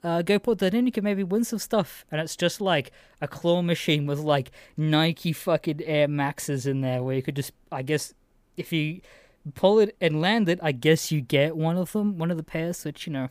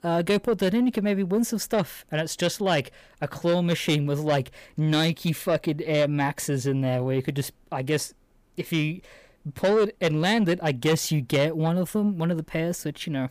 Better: first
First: none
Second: distortion; slight; 10 dB below the speech

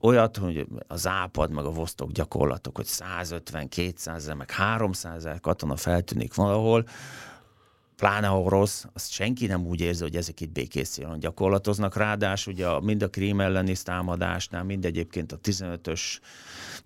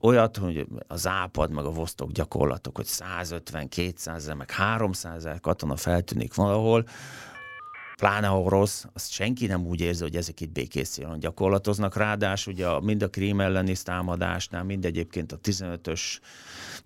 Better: first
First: none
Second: phone ringing; faint; at 7.5 s; peak 15 dB below the speech

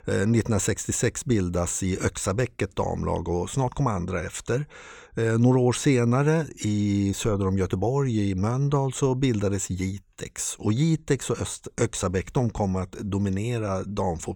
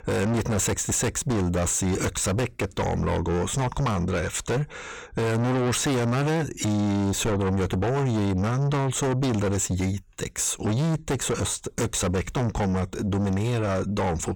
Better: first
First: none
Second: distortion; heavy; 6 dB below the speech

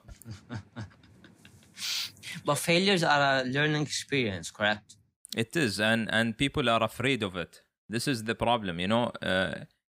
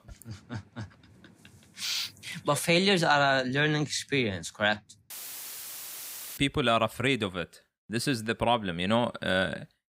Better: first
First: none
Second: audio cutting out; filled with static; at 5 s for 1.5 s

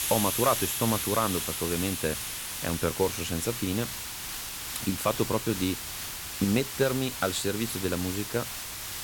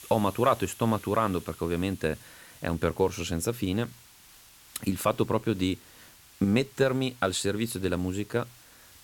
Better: second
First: hiss; loud; throughout; 3 dB below the speech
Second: hiss; faint; throughout; 20 dB below the speech

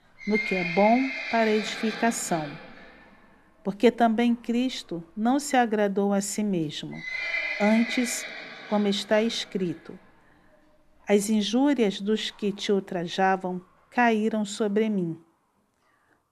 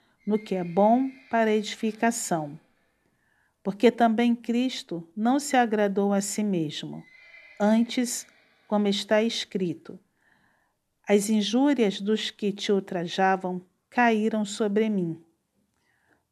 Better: second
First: animal sounds; loud; throughout; 6 dB below the speech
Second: animal sounds; faint; throughout; 30 dB below the speech

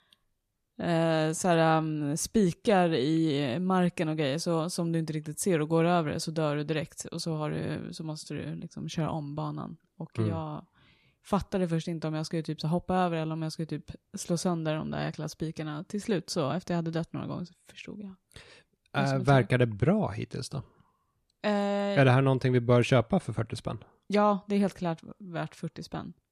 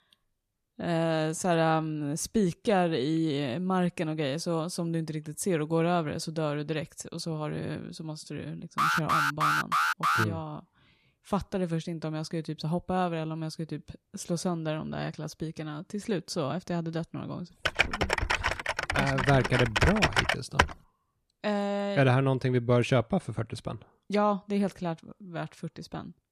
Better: first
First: none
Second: alarm; loud; from 9 to 10 s; peak 5 dB above the speech // keyboard typing; loud; from 18 to 21 s; peak 5 dB above the speech

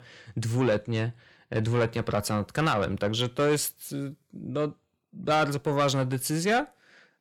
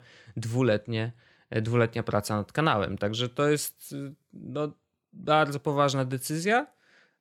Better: second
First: distortion; slight; 10 dB below the speech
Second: none

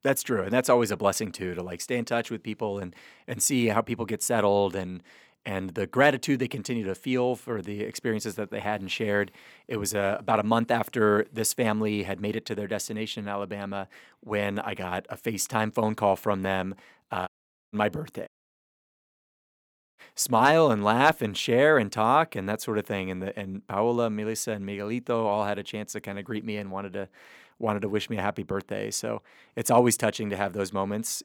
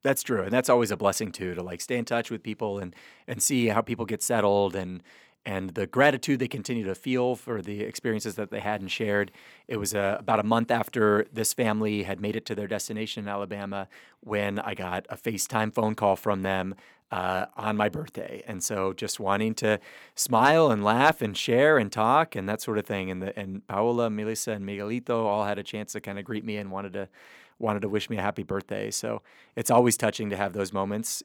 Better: second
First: audio cutting out; at 17 s and at 18 s for 1.5 s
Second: none

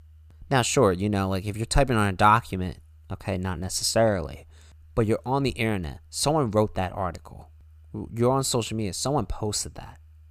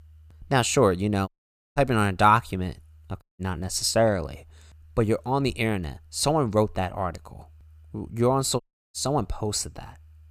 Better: first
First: none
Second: audio cutting out; at 1.5 s, at 3 s and at 8.5 s

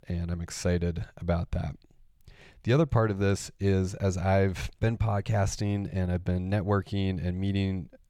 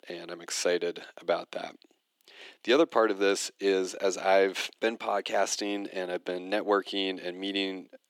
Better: first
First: none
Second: thin; very; fading below 250 Hz

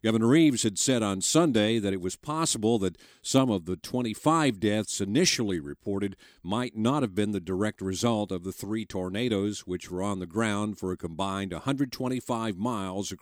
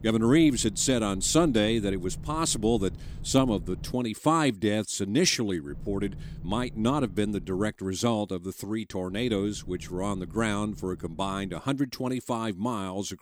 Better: first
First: none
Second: low rumble; faint; until 4 s, from 5.5 to 7.5 s and from 9 to 12 s; 25 dB below the speech

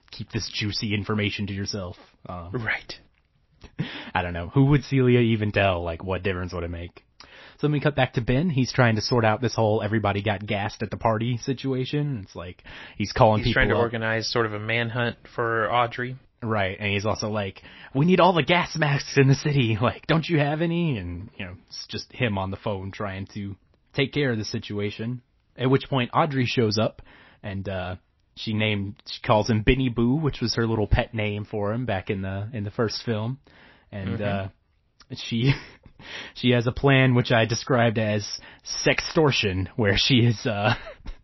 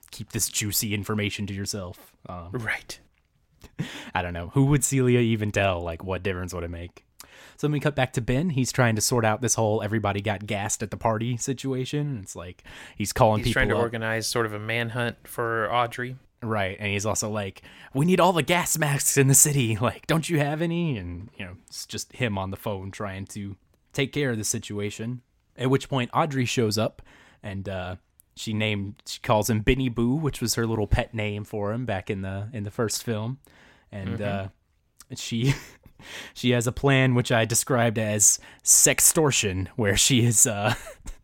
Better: second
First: garbled, watery; slightly; nothing above 5.5 kHz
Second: none

